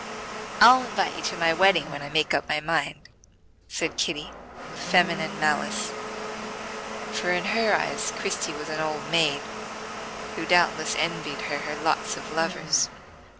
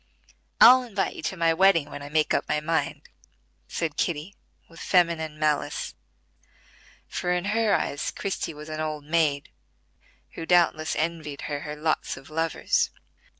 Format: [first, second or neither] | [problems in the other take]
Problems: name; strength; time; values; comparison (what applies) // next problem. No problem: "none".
second | background sound (Domestic sounds, home sounds); 8 dB below the speech